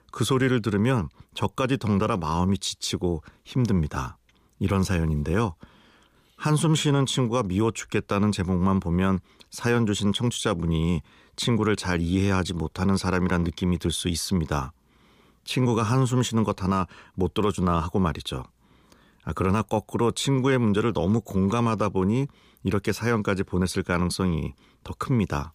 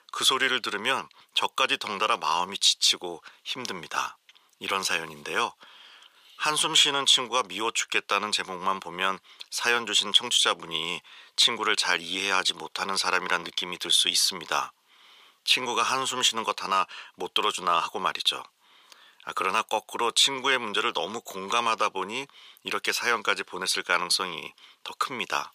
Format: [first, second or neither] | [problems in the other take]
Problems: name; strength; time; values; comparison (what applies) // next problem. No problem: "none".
first | thin; very; fading below 800 Hz